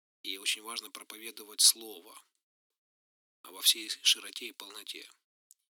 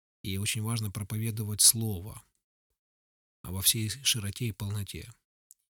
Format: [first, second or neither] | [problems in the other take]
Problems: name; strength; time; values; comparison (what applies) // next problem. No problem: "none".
second | thin; very; fading below 300 Hz